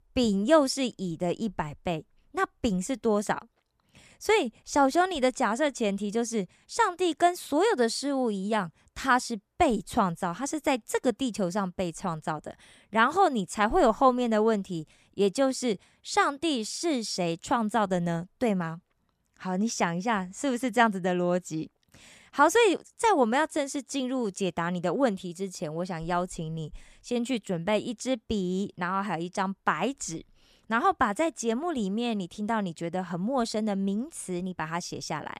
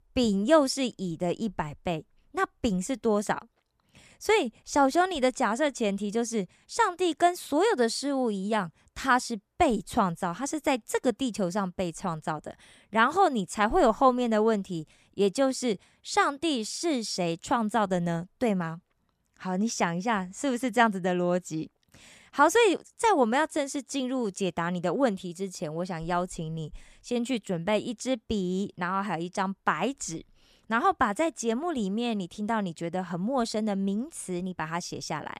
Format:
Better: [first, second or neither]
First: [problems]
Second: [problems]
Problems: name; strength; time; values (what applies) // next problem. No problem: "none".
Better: neither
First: none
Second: none